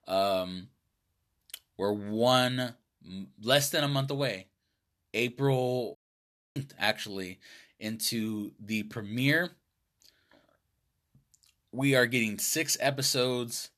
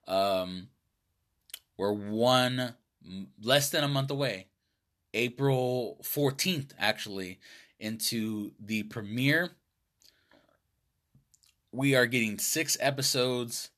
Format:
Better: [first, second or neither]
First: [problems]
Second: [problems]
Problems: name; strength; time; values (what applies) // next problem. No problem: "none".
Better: second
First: audio cutting out; at 6 s for 0.5 s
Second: none